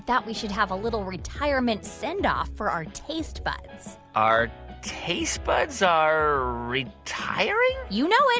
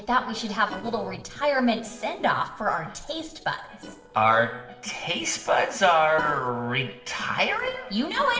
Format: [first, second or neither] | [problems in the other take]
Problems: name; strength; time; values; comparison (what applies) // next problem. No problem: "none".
first | noise reduction (neural separator model SepFormer DNS4)